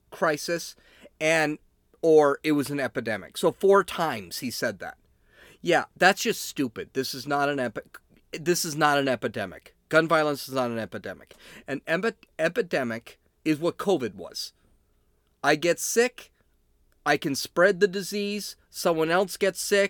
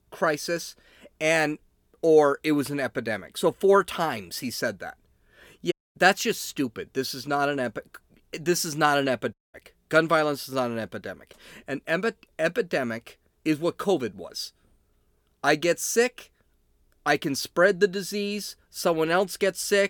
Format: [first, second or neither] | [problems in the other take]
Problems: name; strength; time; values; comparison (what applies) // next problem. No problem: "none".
first | audio cutting out; at 5.5 s and at 9.5 s